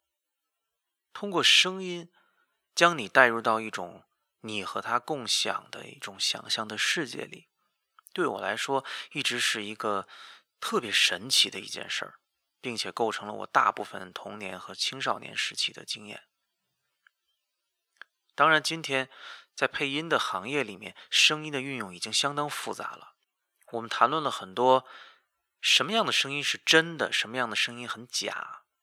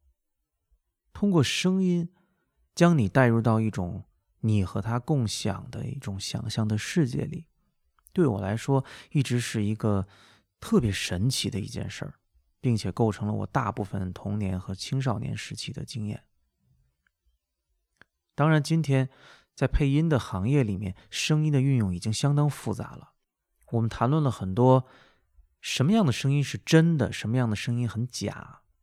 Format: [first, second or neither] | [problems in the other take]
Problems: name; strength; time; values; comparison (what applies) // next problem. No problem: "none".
second | thin; very; fading below 550 Hz